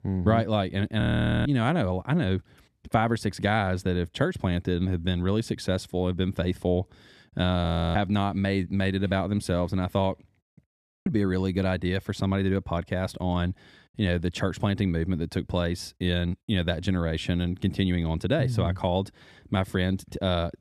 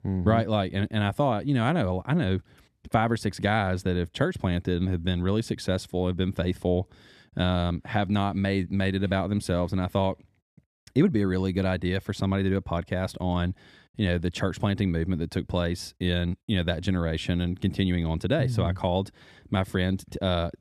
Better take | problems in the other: second | audio freezing; at 1 s, at 7.5 s and at 11 s

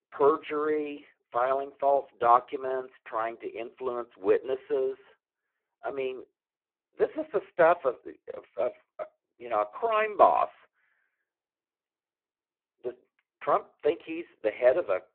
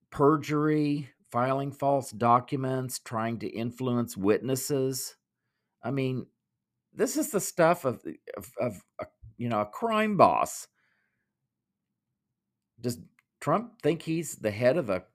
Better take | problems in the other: second | phone-call audio; poor line

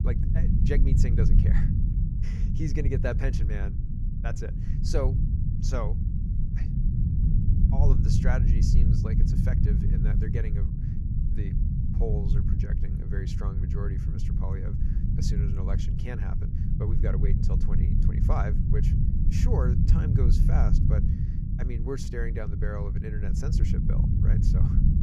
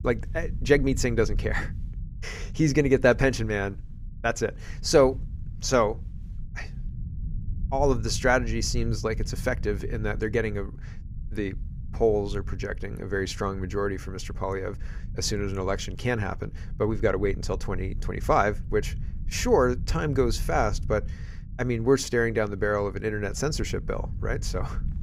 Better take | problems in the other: second | low rumble; loud; throughout; 1 dB below the speech; faint in the second

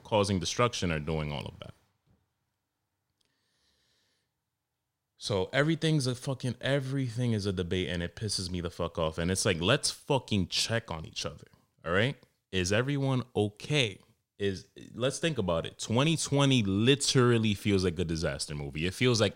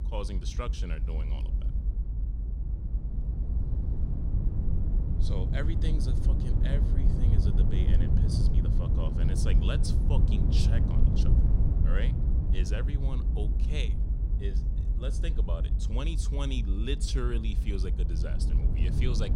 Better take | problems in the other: first | low rumble; loud; throughout; 2 dB below the speech

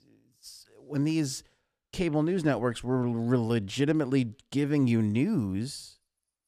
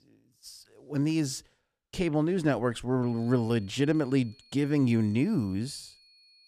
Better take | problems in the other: first | high-pitched whine; faint; from 3 s on; 4.5 kHz, 30 dB below the speech

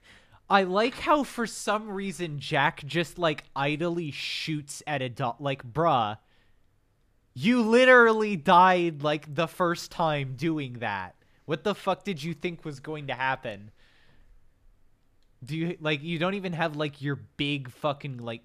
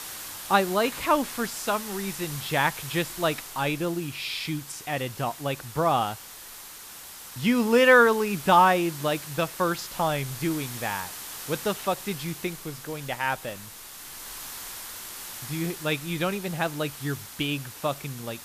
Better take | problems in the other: first | hiss; noticeable; throughout; 10 dB below the speech

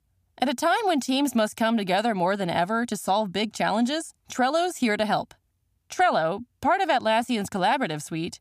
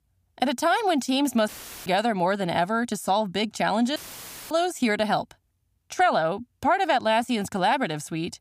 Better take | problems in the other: first | audio cutting out; filled with static; at 1.5 s and at 4 s for 0.5 s

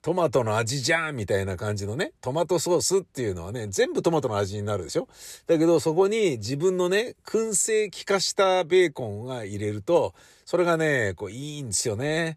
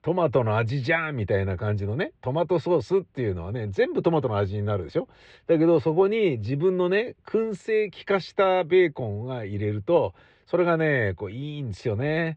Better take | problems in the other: first | muffled; very; fading above 3 kHz

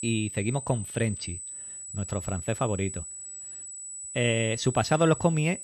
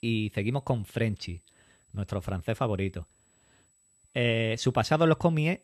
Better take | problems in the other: second | high-pitched whine; loud; throughout; 8 kHz, 9 dB below the speech; faint in the second

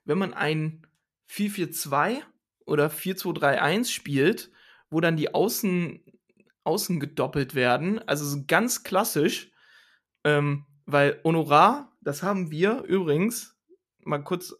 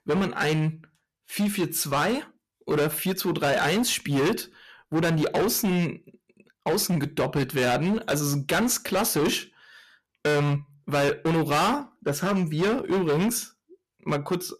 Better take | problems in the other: first | distortion; heavy; 17% of the sound clipped

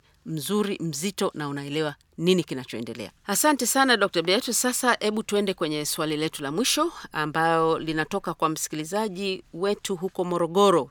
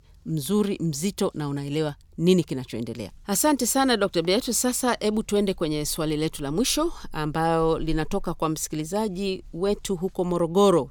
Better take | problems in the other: second | thin; very slightly; fading below 450 Hz

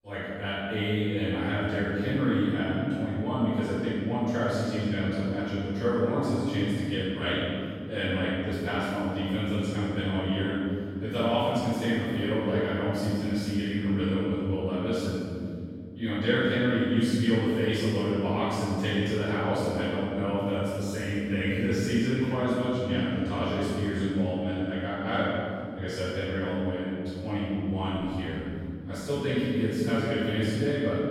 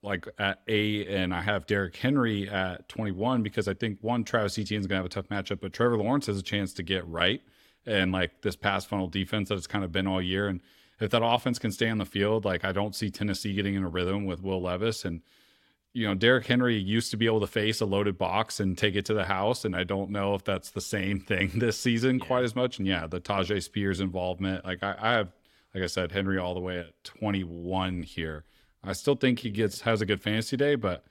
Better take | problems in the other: second | off-mic speech; far // room echo; strong; dies away in 3 s

